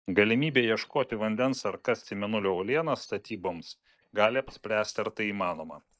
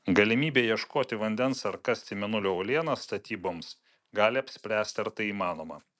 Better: second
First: noise reduction (neural mask model DeepFilterNet 3)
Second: none

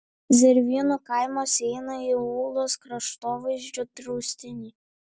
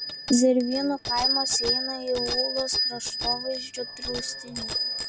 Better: first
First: none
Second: background sound (Bicycle bell); 2 dB below the speech

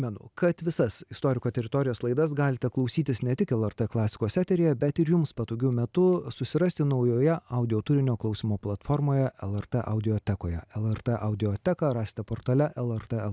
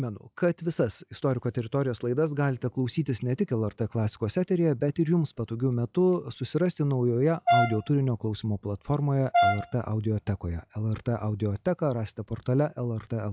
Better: first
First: none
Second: noise reduction (classical method log-MMSE)

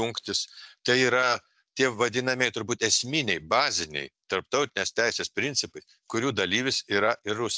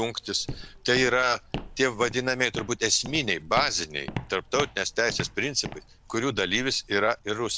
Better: first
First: none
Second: background sound (Walk, footsteps); 13 dB below the speech

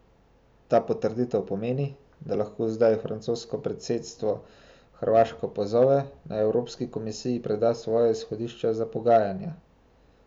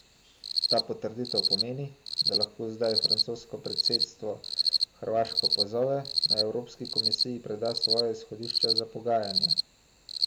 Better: first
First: none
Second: background sound (Cricket); 3 dB above the speech

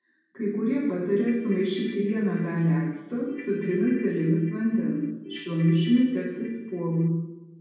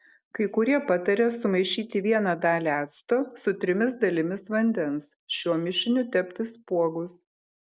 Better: second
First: background sound (Ringtone / Keyboard (musical)); 19 dB below the speech // room echo; dies away in 1.1 s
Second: none

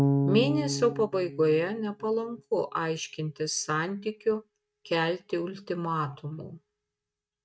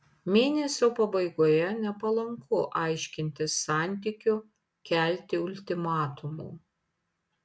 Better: second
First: noise reduction (neural mask model RNNoise)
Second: none

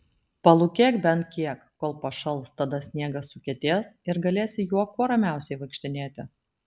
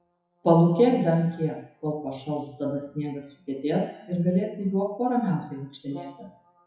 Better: first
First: none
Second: noise reduction (classical method WPE with log-MMSE)

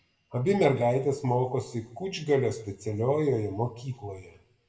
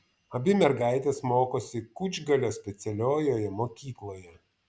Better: second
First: room echo; dies away in 0.6 s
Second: none

